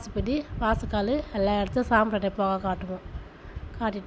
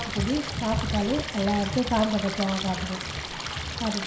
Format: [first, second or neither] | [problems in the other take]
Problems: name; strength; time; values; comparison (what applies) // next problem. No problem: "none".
first | background sound (Stream); 7 dB below the speech // room echo; dies away in 0.5 s